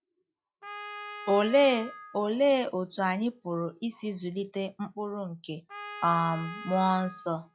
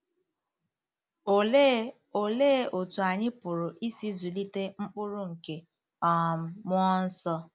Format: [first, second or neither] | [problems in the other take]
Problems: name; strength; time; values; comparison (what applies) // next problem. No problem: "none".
second | noise reduction (classical method log-MMSE)